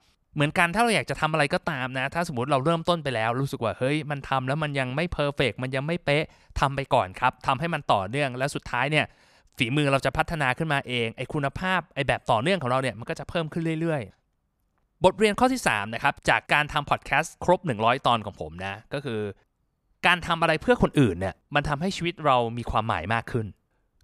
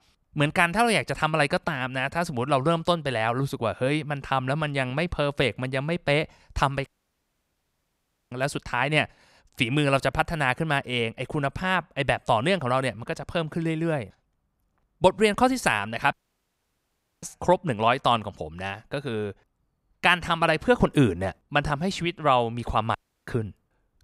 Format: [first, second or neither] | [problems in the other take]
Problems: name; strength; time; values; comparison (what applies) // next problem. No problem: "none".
first | audio cutting out; at 7 s for 1.5 s, at 16 s for 1 s and at 23 s